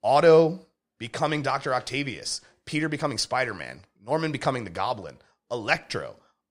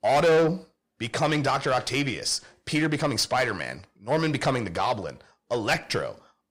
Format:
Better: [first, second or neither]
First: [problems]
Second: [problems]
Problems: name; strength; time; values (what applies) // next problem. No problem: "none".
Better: first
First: none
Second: distortion; heavy; 7 dB below the speech